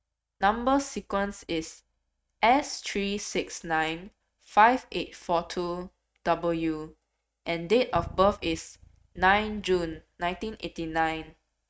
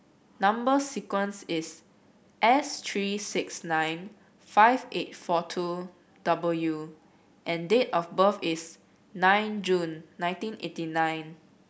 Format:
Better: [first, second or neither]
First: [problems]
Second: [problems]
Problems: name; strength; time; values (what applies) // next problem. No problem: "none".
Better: second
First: noise reduction (neural mask model RNNoise)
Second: none